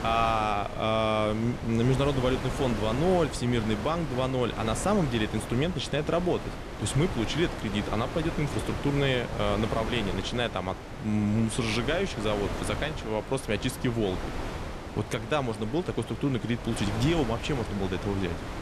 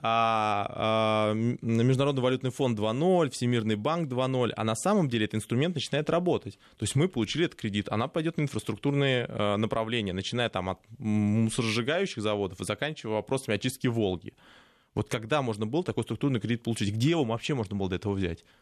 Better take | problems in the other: second | wind noise on the microphone; heavy; 7 dB below the speech

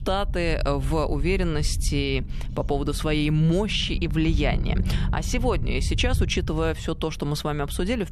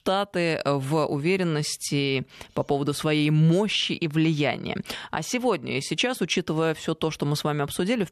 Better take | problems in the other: second | low rumble; noticeable; throughout; 15 dB below the speech

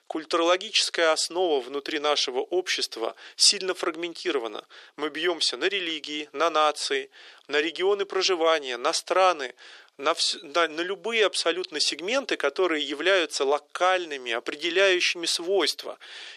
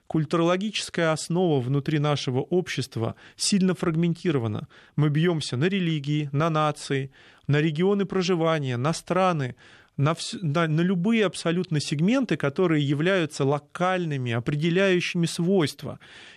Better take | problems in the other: second | thin; very; fading below 400 Hz

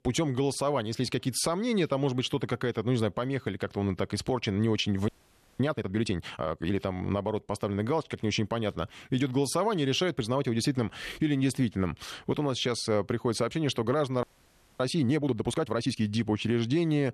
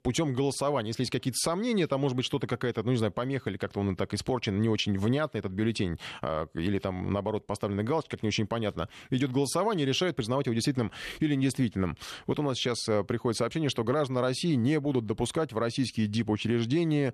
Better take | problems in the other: second | audio freezing; at 5 s for 0.5 s and at 14 s for 0.5 s

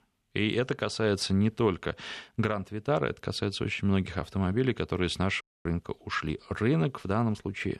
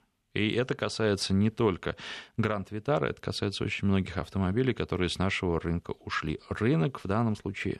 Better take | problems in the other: second | audio cutting out; at 5.5 s

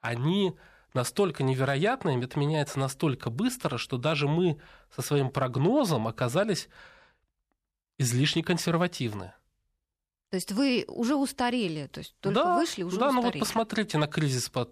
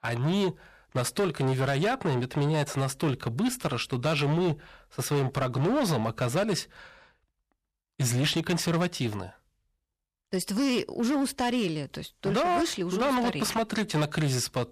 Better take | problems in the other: first | distortion; slight; 12% of the sound clipped

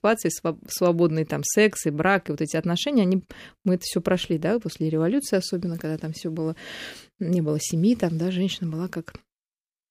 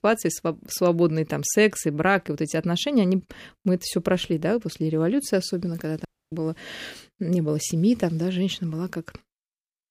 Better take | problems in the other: first | audio cutting out; at 6 s

